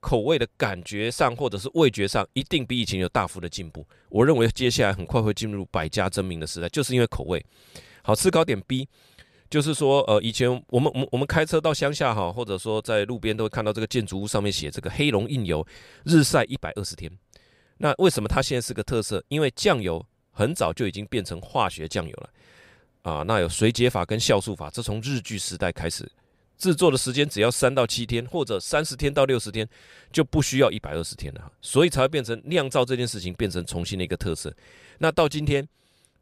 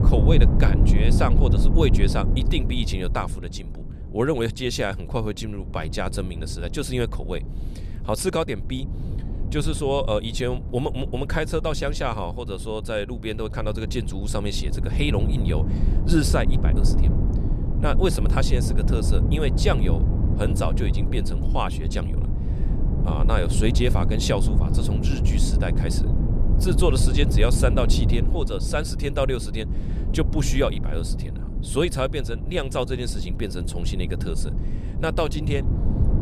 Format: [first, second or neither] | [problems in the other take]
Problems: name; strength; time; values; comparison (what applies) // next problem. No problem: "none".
first | low rumble; loud; throughout; 8 dB below the speech